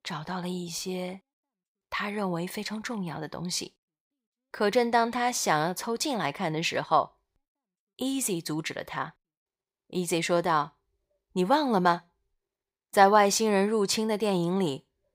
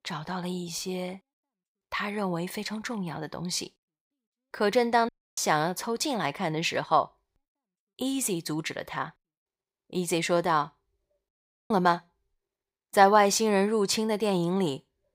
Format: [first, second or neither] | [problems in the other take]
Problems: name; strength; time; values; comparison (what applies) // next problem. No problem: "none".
first | audio cutting out; at 5 s and at 11 s